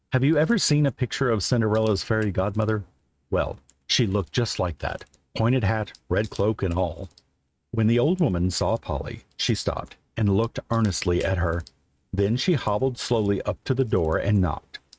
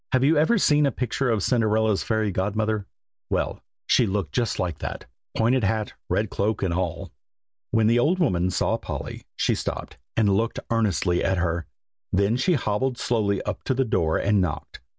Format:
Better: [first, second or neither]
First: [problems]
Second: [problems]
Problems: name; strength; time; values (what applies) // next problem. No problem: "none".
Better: second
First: noise reduction (neural mask model RNNoise)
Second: none